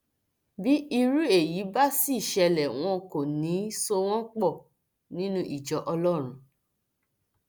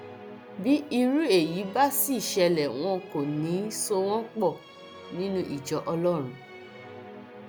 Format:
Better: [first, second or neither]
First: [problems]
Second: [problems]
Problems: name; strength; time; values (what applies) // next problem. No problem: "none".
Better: first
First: none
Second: background sound (Musical instrument); 17 dB below the speech